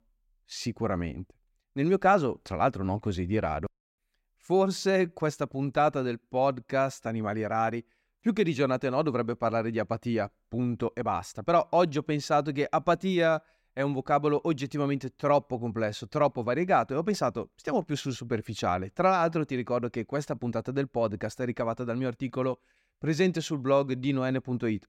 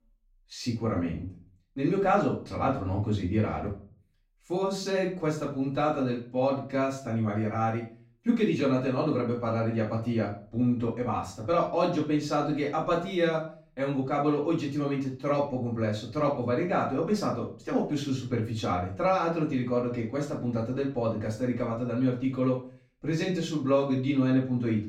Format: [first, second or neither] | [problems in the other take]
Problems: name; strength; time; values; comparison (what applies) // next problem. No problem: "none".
first | off-mic speech; far // room echo; slight; dies away in 0.3 s